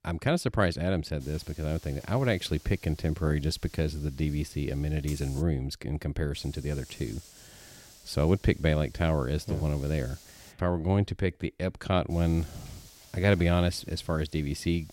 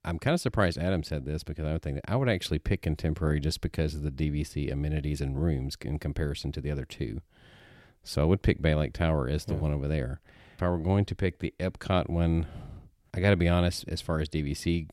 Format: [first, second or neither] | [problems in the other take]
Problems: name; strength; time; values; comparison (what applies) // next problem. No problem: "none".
second | hiss; faint; from 1 to 5.5 s, from 6.5 to 11 s and from 12 s on; 20 dB below the speech